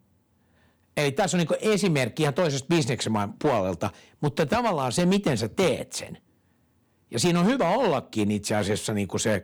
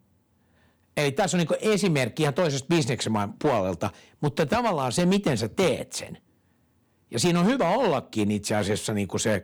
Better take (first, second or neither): neither